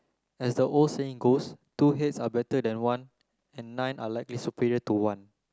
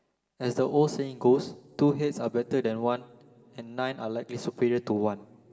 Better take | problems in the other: first | room echo; dies away in 1.7 s

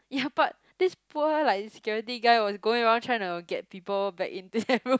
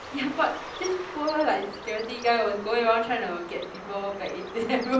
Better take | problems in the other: first | background sound (Bird); 12 dB below the speech // room echo; dies away in 0.6 s

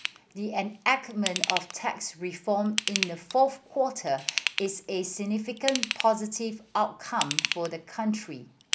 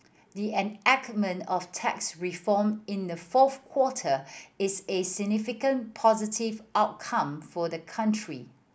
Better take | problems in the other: second | background sound (Ratchet, pawl / Tools); 5 dB below the speech

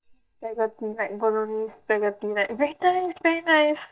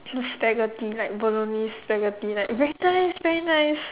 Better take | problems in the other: second | noise reduction (neural mask model DeepFilterNet 3)

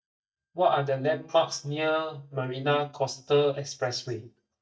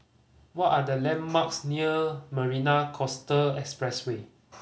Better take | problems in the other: second | noise reduction (neural mask model DeepFilterNet 3)

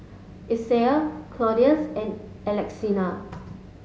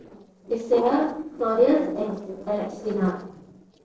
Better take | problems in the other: first | noise reduction (neural separator model SepFormer DNS4)

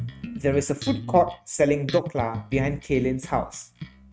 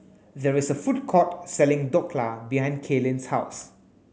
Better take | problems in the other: second | noise reduction (neural mask model RNNoise)

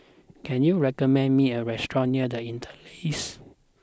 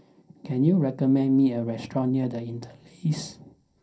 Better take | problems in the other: first | room echo; dies away in 0.3 s

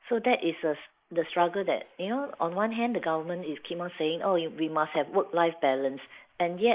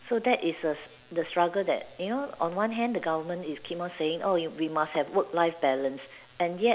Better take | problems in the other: second | noise reduction (neural mask model Resemble Enhance denoiser)

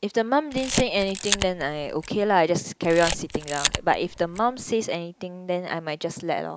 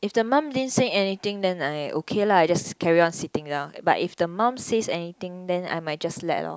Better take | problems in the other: second | background sound (Camera); 7 dB below the speech

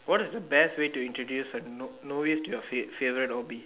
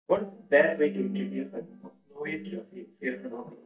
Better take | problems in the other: first | noise reduction (neural mask model DeepFilterNet 3)

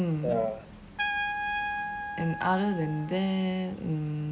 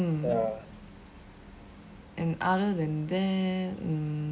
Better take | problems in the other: second | background sound (Trumpet); 6 dB below the speech

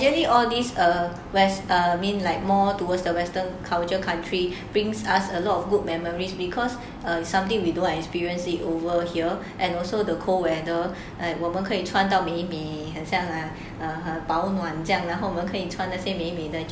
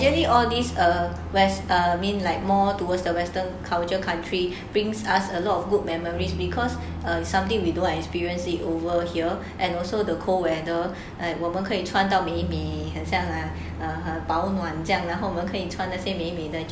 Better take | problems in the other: first | background sound (Bass guitar); 11 dB below the speech

